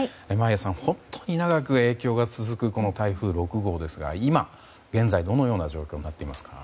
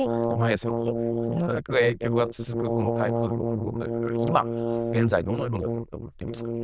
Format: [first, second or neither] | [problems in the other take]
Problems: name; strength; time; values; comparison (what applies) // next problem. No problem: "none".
first | noise reduction (neural diffusion model UNIVERSE++)